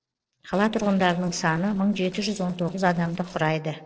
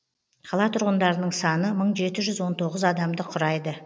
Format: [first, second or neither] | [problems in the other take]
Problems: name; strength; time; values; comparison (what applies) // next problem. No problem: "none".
second | noise reduction (neural separator model SepFormer DNS4)